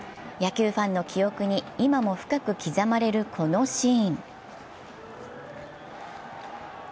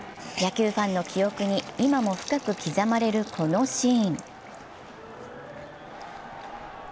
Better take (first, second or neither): first